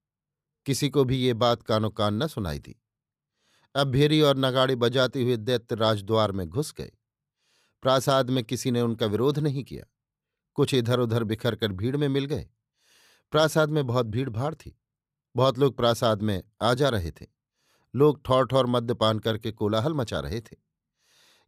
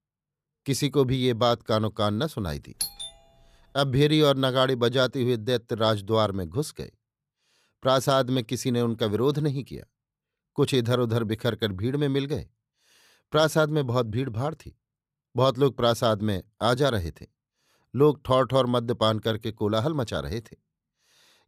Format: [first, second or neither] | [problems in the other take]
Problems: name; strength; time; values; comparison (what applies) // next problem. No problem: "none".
first | doorbell; noticeable; at 3 s; peak 6 dB below the speech